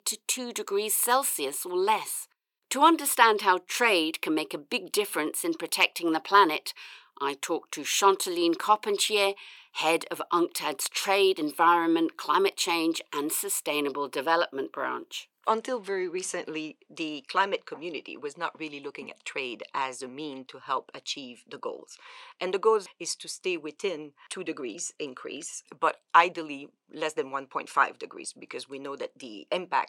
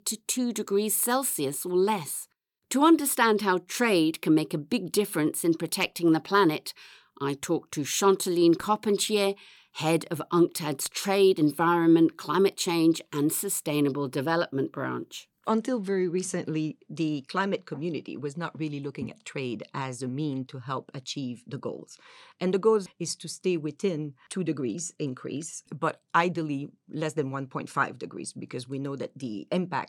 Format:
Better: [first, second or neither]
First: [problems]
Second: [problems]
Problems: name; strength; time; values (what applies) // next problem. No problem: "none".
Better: second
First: thin; very; fading below 500 Hz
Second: none